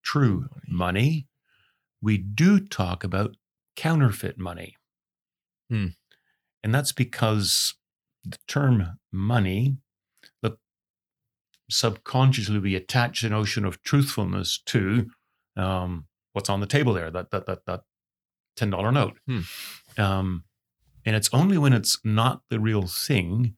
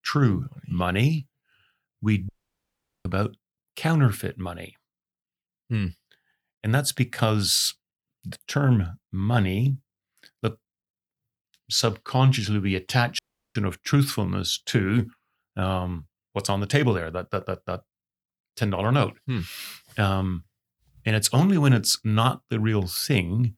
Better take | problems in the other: first | audio cutting out; at 2.5 s for 1 s and at 13 s

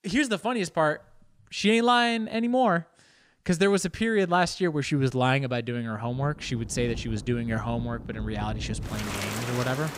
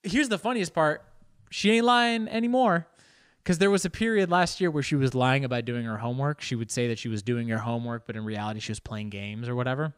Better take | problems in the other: second | rain or running water; noticeable; from 6.5 s on; 10 dB below the speech

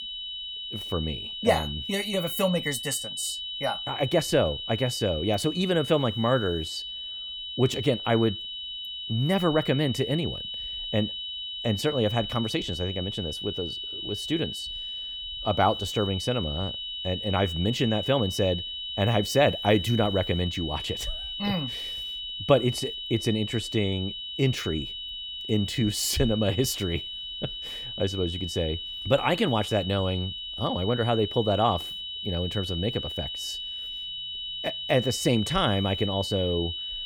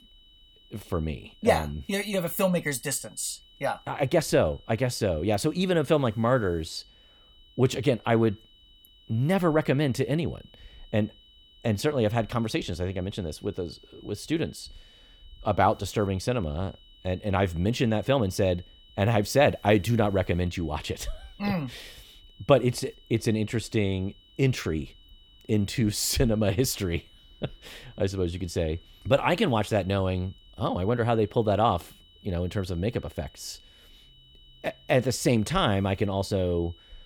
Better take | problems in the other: second | high-pitched whine; loud; throughout; 3 kHz, 5 dB below the speech; faint in the second

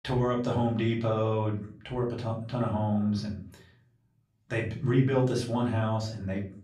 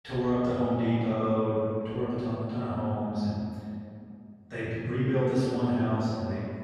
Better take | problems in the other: first | room echo; strong; dies away in 2.4 s; slight in the first // off-mic speech; far; far in the first

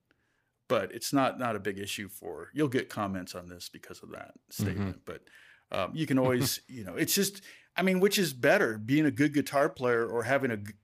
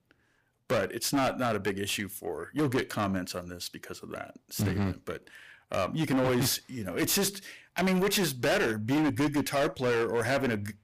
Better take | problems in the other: first | distortion; heavy; 16% of the sound clipped

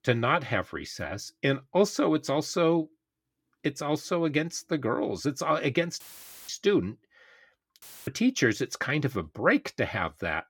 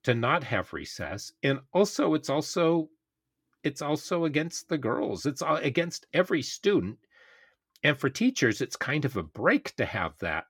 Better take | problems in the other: second | audio cutting out; filled with static; at 6 s and at 8 s

